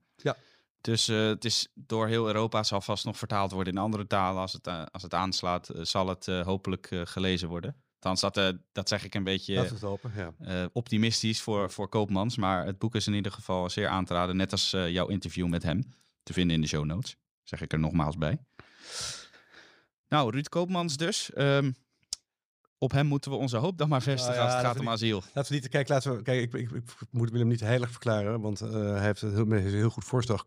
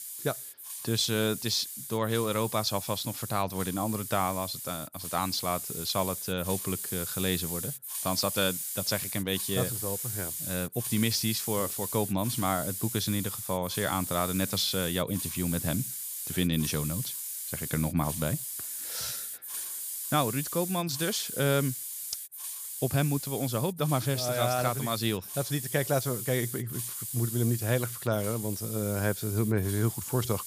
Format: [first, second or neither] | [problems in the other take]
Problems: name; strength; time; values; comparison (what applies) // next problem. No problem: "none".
first | hiss; loud; throughout; 4 dB below the speech